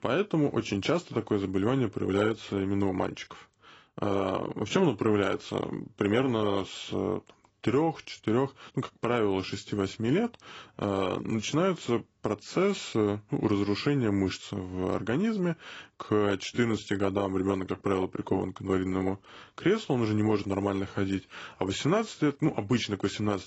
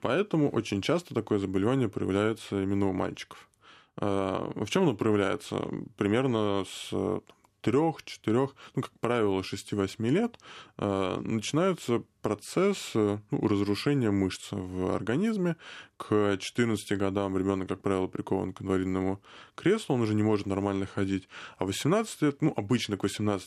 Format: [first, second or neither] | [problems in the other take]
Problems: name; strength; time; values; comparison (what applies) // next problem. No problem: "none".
second | garbled, watery; badly; nothing above 8 kHz